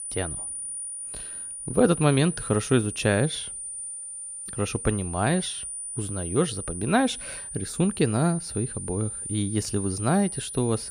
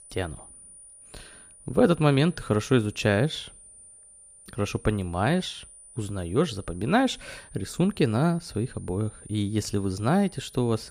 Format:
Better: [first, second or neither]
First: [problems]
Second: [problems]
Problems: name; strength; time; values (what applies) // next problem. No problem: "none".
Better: second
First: high-pitched whine; loud; throughout; 9.5 kHz, 7 dB below the speech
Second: high-pitched whine; faint; throughout; 9.5 kHz, 20 dB below the speech